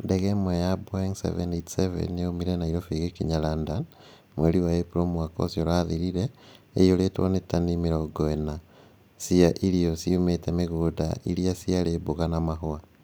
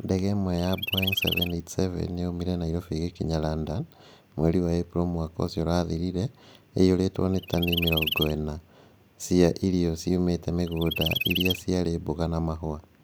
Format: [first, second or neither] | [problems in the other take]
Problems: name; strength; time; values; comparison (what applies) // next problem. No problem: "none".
first | background sound (Chirp, tweet); 4 dB below the speech